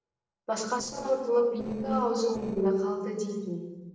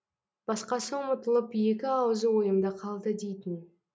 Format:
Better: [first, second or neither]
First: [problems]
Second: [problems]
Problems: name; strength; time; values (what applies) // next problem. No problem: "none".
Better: second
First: noise reduction (neural separator model SepFormer DNS4)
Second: none